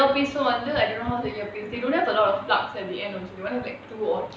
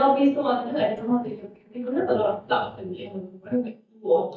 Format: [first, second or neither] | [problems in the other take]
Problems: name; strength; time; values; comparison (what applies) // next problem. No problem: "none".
first | noise reduction (neural mask model DeepFilterNet 3)